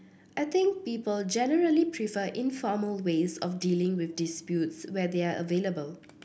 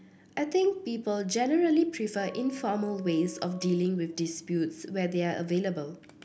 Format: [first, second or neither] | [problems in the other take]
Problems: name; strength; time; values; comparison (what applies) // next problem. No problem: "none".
first | background sound (Wind instrument, woodwind instrument); 19 dB below the speech